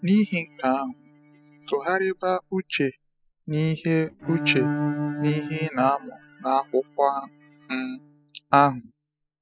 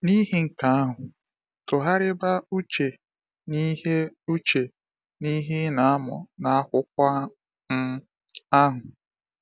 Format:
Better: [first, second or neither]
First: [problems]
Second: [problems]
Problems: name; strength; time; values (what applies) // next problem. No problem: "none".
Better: second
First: noise reduction (classical method spectral subtraction)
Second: none